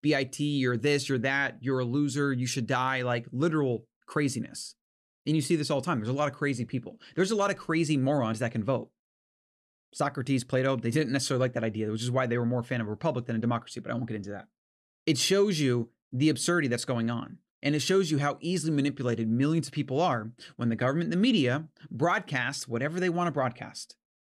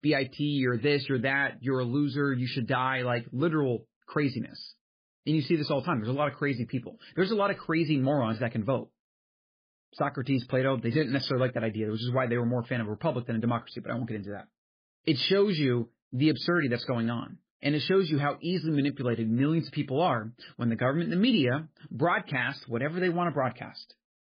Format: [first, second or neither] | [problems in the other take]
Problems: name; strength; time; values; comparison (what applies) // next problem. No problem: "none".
first | garbled, watery; badly